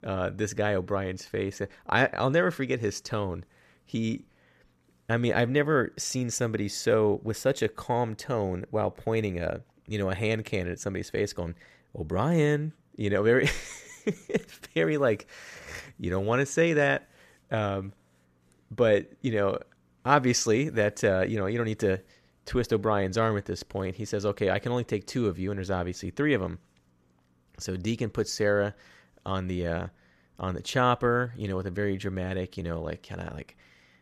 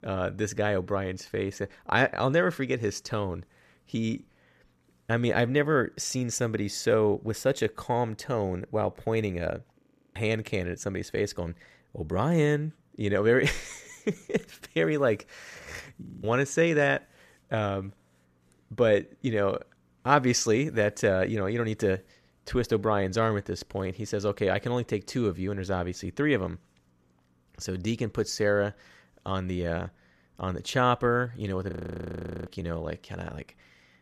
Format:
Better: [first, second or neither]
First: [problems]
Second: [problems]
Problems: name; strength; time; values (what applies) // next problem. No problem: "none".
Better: first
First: none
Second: audio freezing; at 10 s, at 16 s and at 32 s for 1 s